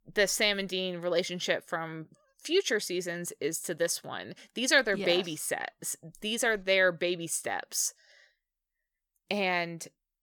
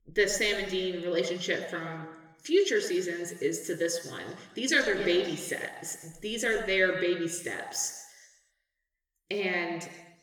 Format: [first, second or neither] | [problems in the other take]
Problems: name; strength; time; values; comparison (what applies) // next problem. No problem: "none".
first | room echo; slight; dies away in 1.2 s // off-mic speech; somewhat distant